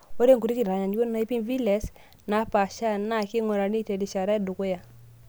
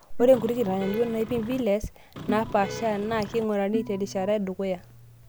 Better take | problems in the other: first | background sound (Organ + Vehicle horn, car horn, honking); 10 dB below the speech

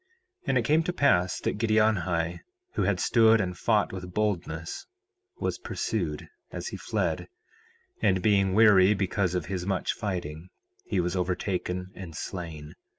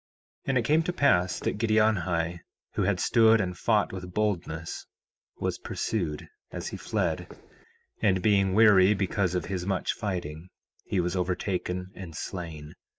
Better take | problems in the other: first | noise reduction (neural mask model DeepFilterNet 3)

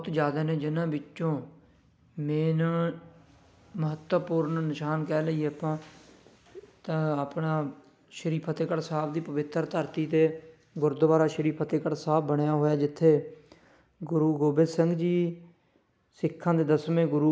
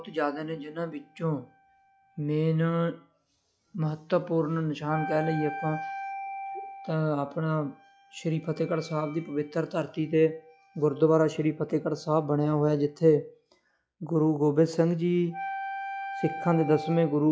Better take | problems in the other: first | noise reduction (classical method log-MMSE)

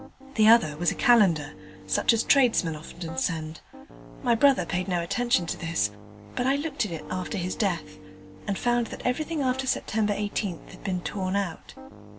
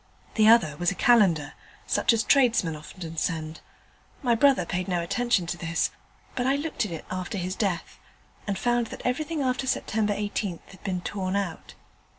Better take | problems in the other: second | background sound (Piano); 17 dB below the speech

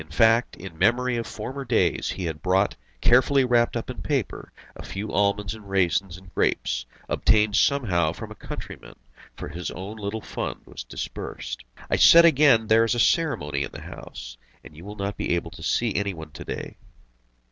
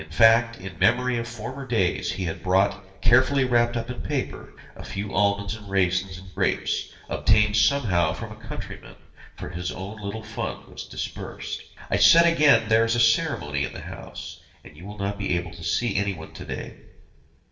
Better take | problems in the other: first | room echo; dies away in 0.8 s

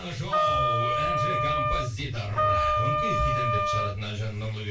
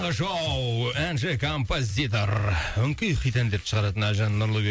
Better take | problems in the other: second | background sound (Wind instrument, woodwind instrument); 4 dB above the speech // room echo; dies away in 0.2 s

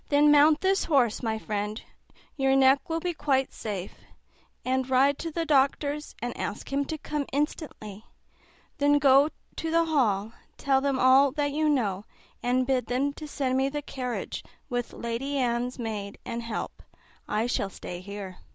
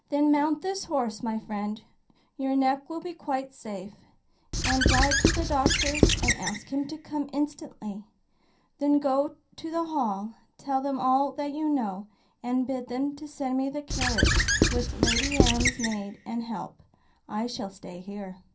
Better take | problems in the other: first | background sound (Squeak / Writing); 5 dB above the speech // room echo; dies away in 0.3 s

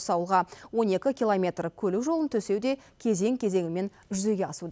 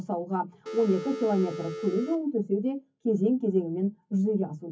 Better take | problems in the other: first | noise reduction (classical method WPE with log-MMSE)

